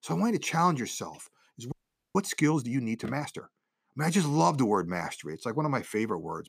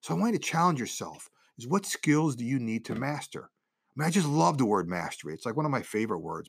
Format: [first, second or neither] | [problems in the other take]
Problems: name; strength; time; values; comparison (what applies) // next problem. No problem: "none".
second | audio freezing; at 1.5 s